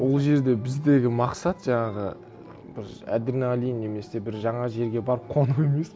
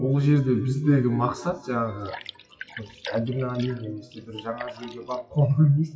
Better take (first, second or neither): first